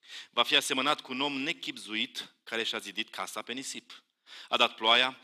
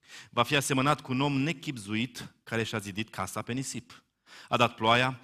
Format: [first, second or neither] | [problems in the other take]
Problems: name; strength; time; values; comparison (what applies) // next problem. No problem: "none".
second | thin; very slightly; fading below 300 Hz